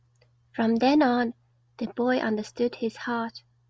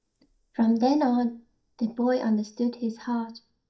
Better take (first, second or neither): first